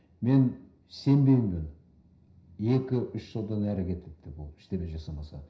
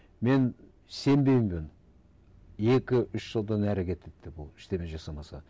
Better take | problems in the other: second | room echo; dies away in 0.5 s

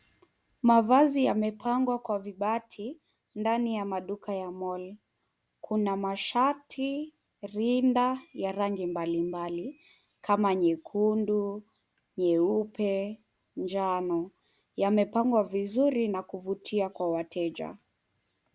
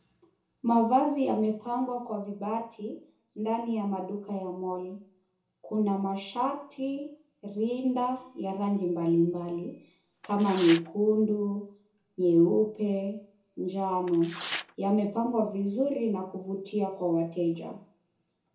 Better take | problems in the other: first | background sound (Tearing); 12 dB below the speech // room echo; dies away in 0.6 s

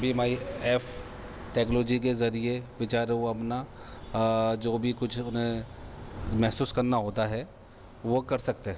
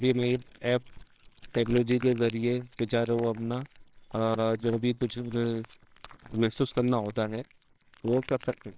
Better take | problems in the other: first | noise reduction (neural separator model SepFormer WHAMR!)

